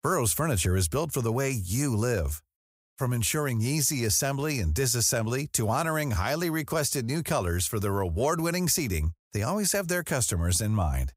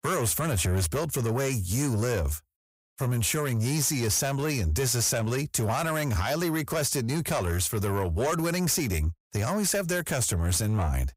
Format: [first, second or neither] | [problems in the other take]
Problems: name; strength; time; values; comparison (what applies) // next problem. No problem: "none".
first | distortion; slight; 10 dB below the speech